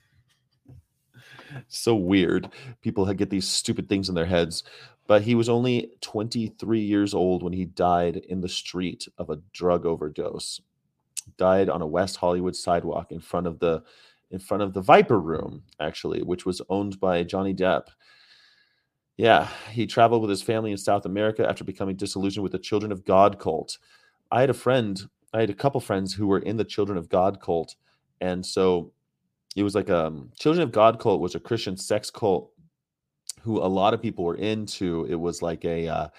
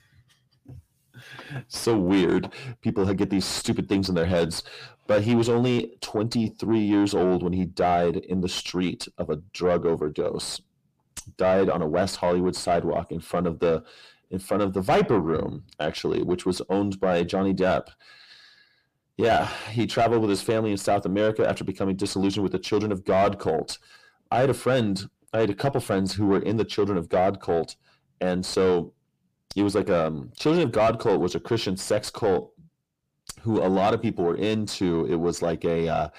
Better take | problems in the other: first | distortion; heavy; 8 dB below the speech

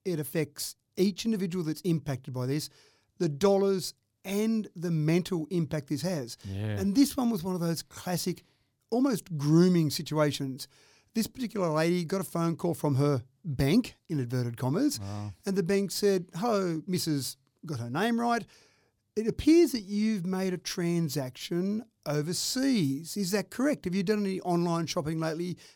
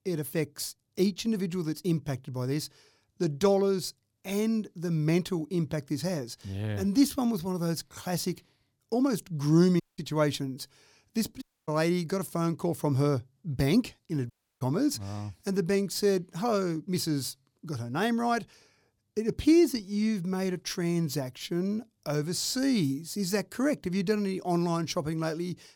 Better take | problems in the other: first | audio cutting out; at 10 s, at 11 s and at 14 s

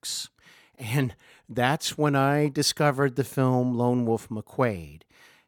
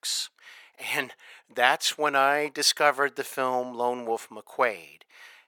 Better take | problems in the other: first | thin; very; fading below 650 Hz

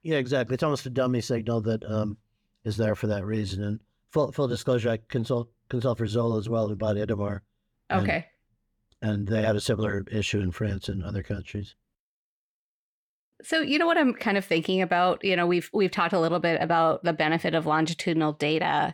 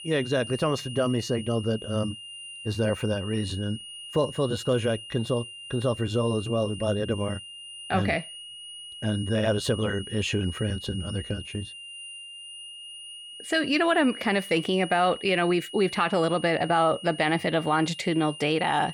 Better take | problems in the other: first | high-pitched whine; noticeable; throughout; 3 kHz, 10 dB below the speech

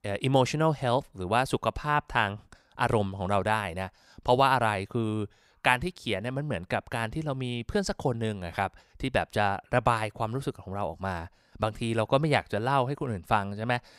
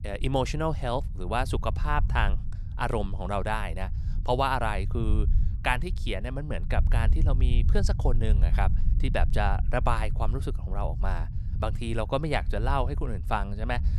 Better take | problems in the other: first | low rumble; noticeable; throughout; 15 dB below the speech

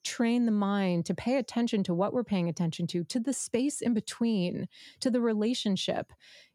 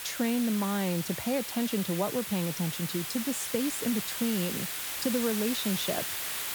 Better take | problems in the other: first | hiss; loud; throughout; 2 dB below the speech

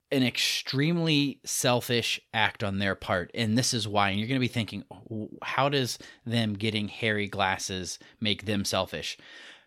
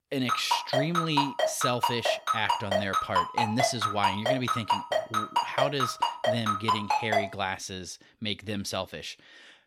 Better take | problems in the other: first | phone ringing; loud; until 7.5 s; peak 5 dB above the speech

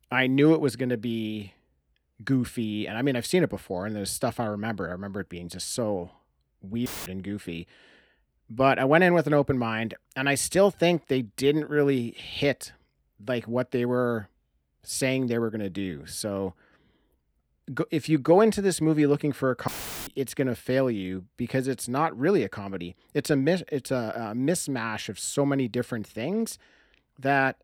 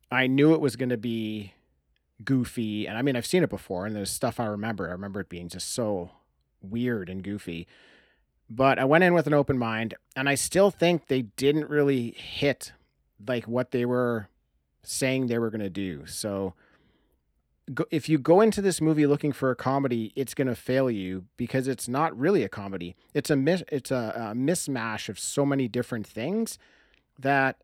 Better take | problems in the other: second | audio cutting out; filled with static; at 7 s and at 20 s

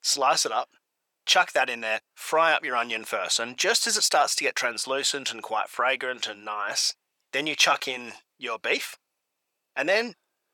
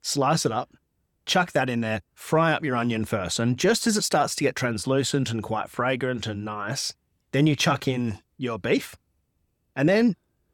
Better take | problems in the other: second | thin; very; fading below 750 Hz

